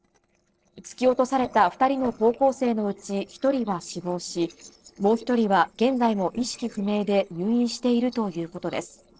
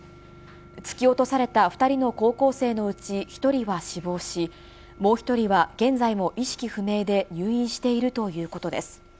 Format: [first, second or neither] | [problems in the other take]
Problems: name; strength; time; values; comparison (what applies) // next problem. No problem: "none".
second | noise reduction (neural separator model SepFormer DNS4)